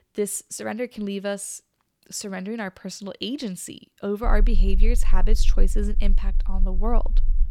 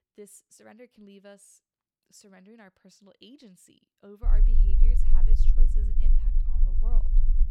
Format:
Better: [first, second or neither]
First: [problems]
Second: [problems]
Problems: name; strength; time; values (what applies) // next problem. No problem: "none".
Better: first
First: low rumble; faint; from 4 s on; 20 dB below the speech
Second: low rumble; loud; from 4 s on; 1 dB below the speech